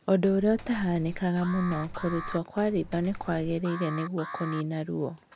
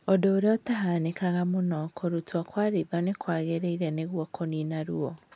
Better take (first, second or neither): second